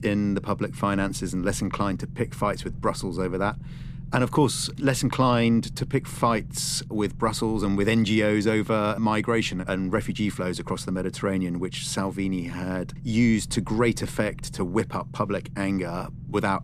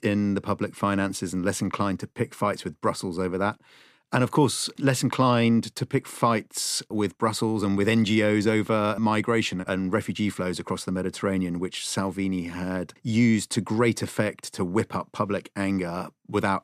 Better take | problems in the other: second | low rumble; faint; throughout; 25 dB below the speech

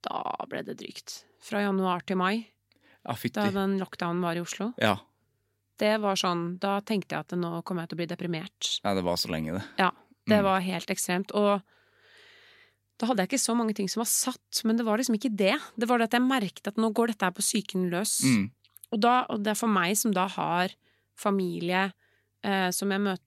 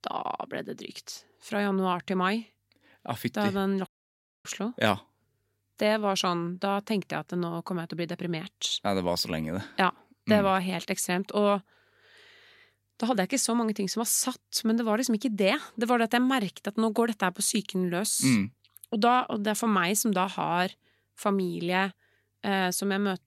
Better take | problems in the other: first | audio cutting out; at 4 s for 0.5 s

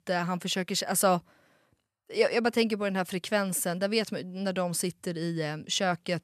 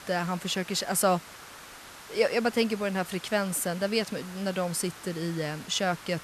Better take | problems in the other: first | hiss; noticeable; throughout; 15 dB below the speech

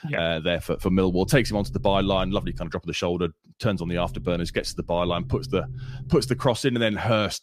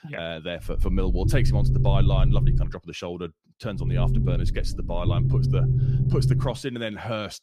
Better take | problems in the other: first | low rumble; loud; from 0.5 to 2.5 s and from 4 to 6.5 s; 3 dB below the speech; faint in the first

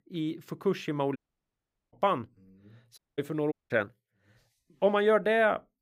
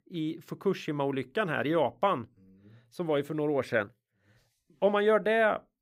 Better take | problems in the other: second | audio cutting out; at 1 s for 1 s, at 3 s and at 3.5 s

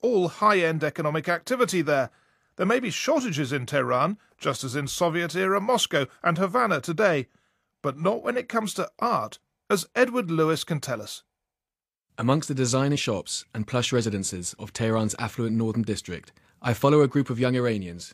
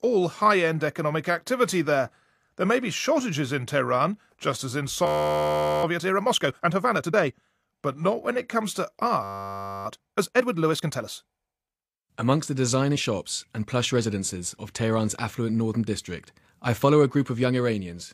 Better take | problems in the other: first | audio freezing; at 5 s for 1 s and at 9 s for 0.5 s

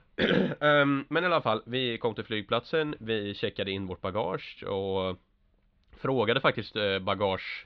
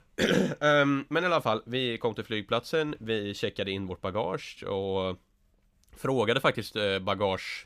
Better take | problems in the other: second | muffled; very slightly; fading above 4 kHz

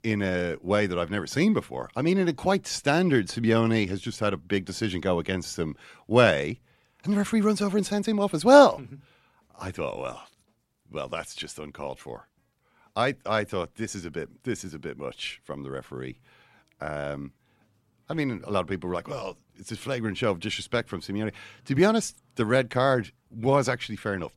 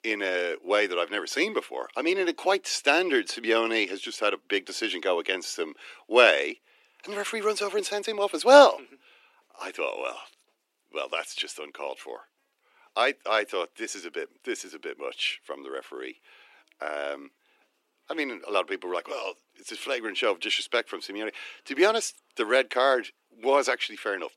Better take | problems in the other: first | thin; somewhat; fading below 300 Hz

